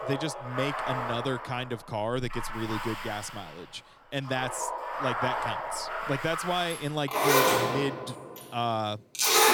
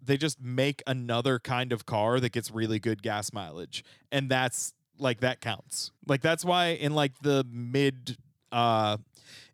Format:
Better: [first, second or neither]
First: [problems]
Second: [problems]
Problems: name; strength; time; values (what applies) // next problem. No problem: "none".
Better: second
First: household noises; very loud; throughout; 3 dB above the speech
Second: none